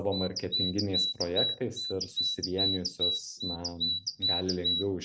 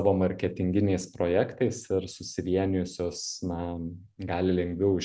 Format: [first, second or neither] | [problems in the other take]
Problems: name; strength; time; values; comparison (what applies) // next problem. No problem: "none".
second | background sound (Bird vocalization, bird call, bird song); 2 dB above the speech